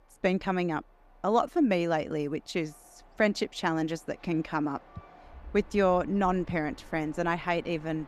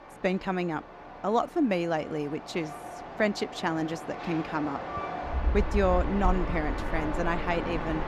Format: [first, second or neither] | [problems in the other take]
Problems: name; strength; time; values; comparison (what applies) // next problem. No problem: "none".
first | train or aircraft noise; loud; throughout; 5 dB below the speech; faint in the first